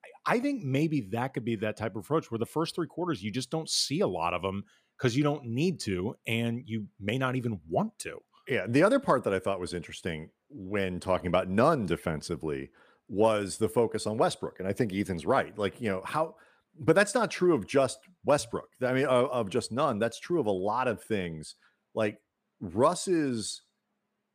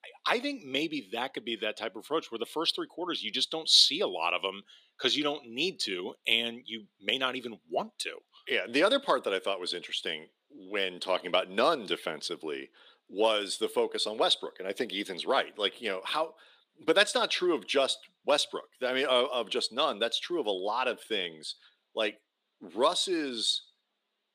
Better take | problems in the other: first | thin; somewhat; fading below 300 Hz

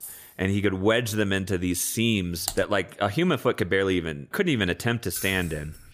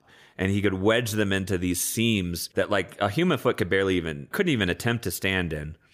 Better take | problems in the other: second | jangling keys; faint; at the start; peak 15 dB below the speech // keyboard typing; noticeable; at 2.5 s; peak 7 dB below the speech // jangling keys; noticeable; at 5 s; peak 9 dB below the speech

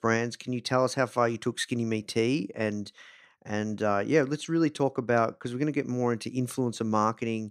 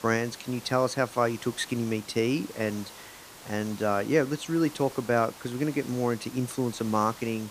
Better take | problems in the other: first | hiss; noticeable; throughout; 15 dB below the speech

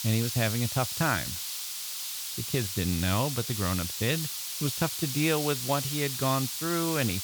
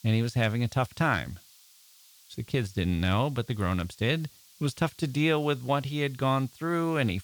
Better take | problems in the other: second | hiss; loud; throughout; 2 dB below the speech; faint in the second

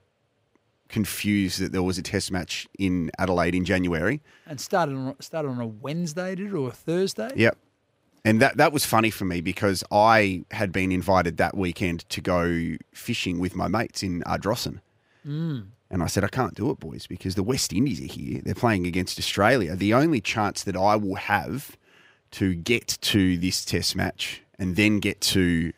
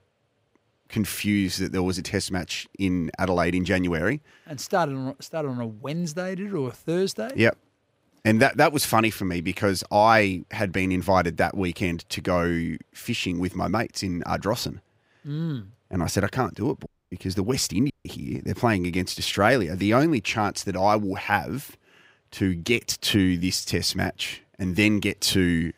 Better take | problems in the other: first | audio cutting out; at 17 s and at 18 s

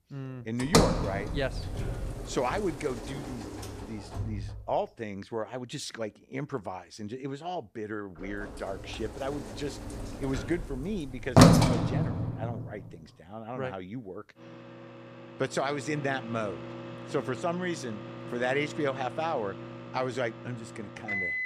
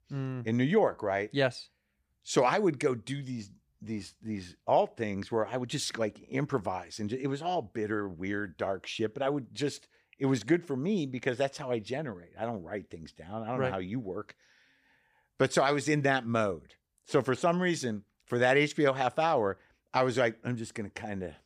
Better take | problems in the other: second | household noises; very loud; throughout; 4 dB above the speech

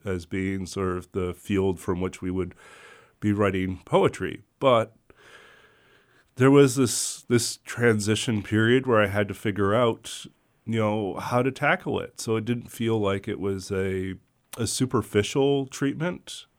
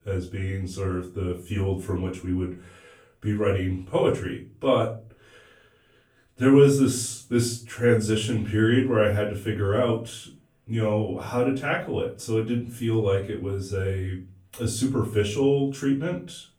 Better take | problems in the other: first | off-mic speech; far // room echo; slight; dies away in 0.3 s

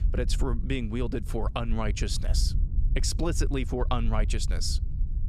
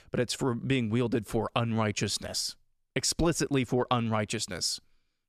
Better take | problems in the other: second | wind noise on the microphone; occasional gusts; 15 dB below the speech

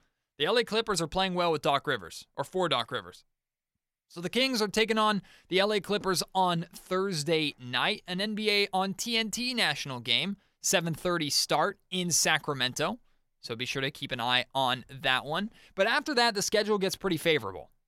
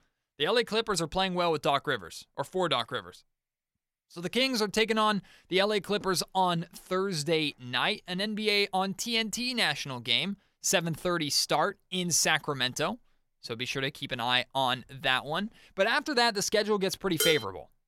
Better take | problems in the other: first | clattering dishes; noticeable; at 17 s; peak level with the speech

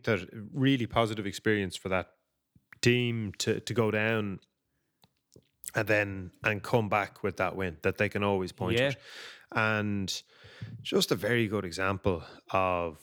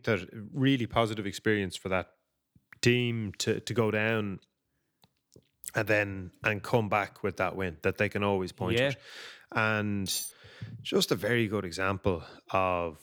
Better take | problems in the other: first | clattering dishes; noticeable; at 10 s; peak 5 dB below the speech

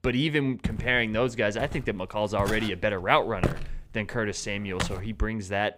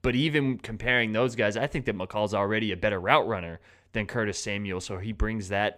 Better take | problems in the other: second | footsteps; noticeable; from 0.5 to 5 s; peak 3 dB below the speech

